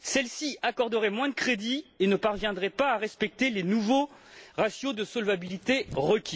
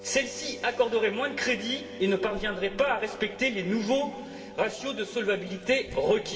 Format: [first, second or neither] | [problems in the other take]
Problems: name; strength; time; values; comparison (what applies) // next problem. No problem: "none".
first | background sound (Wind instrument, woodwind instrument); 17 dB below the speech // room echo; dies away in 2.5 s